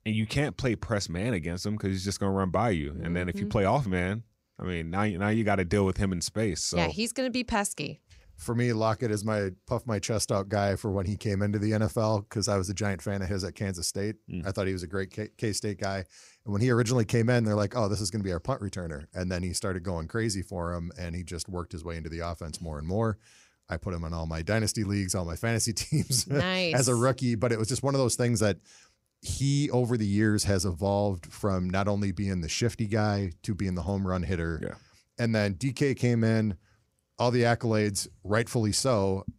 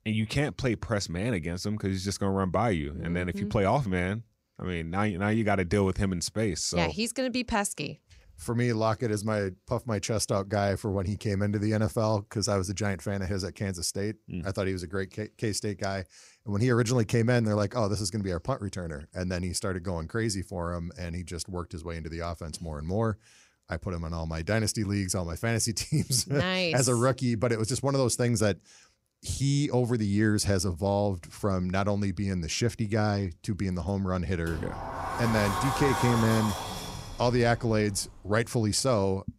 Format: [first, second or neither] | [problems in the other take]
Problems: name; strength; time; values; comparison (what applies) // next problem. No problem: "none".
first | door banging; noticeable; from 34 to 38 s; peak level with the speech